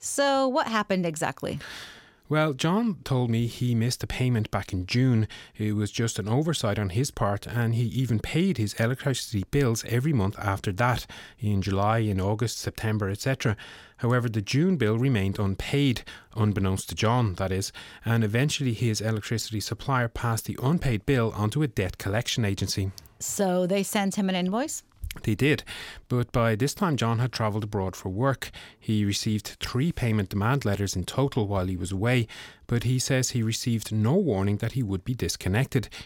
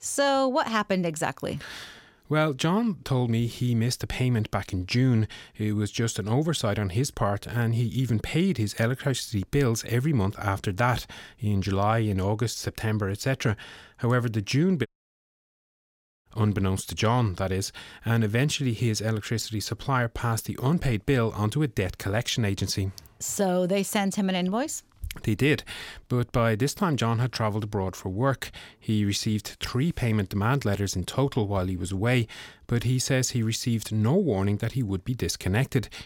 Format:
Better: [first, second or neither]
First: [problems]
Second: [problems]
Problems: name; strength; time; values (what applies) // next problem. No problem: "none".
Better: first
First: none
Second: audio cutting out; at 15 s for 1.5 s